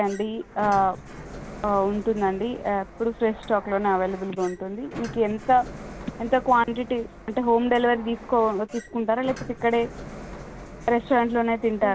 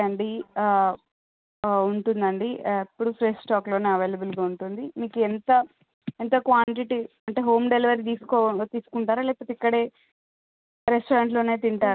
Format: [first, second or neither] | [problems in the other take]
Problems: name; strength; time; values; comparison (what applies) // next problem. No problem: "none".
second | background sound (Sliding door); 16 dB below the speech